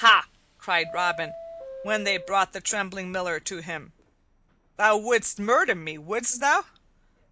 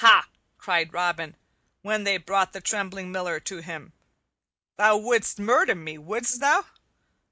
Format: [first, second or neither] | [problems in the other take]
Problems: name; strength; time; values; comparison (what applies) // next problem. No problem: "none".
second | background sound (Subway, metro, underground); 19 dB below the speech